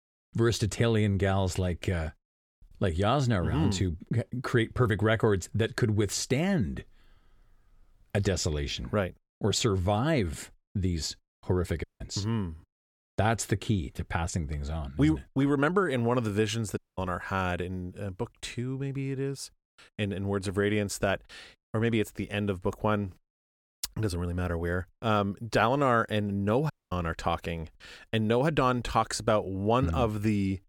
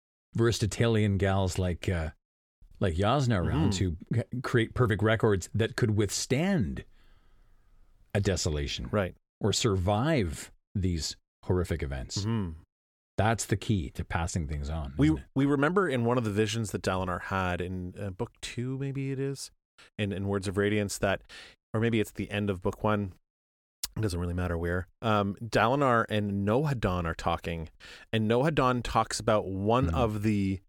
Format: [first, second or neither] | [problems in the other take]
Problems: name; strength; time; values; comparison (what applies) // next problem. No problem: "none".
second | audio cutting out; at 12 s, at 17 s and at 27 s